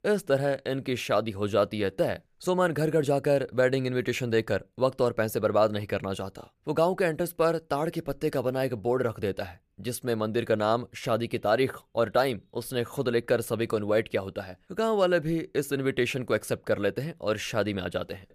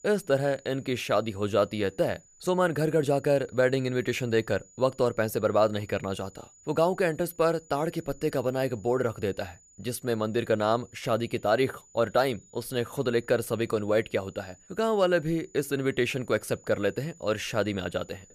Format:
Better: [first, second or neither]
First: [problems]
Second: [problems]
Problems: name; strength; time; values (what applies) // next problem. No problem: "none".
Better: first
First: none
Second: high-pitched whine; faint; throughout; 7 kHz, 25 dB below the speech